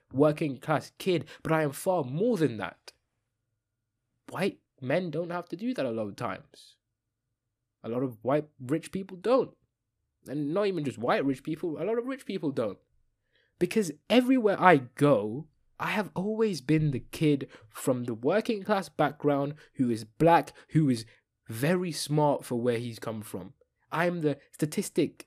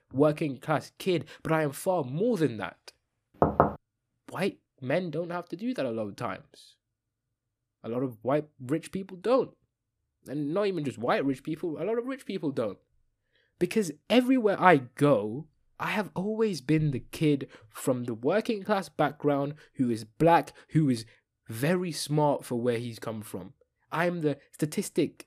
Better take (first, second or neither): first